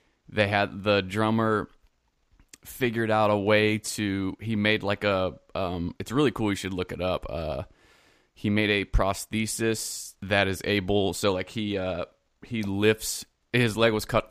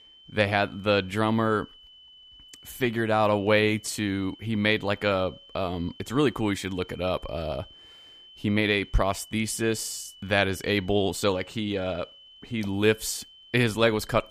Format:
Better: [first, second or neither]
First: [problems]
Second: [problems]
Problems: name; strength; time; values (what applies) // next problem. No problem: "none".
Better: first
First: none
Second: high-pitched whine; faint; throughout; 3 kHz, 20 dB below the speech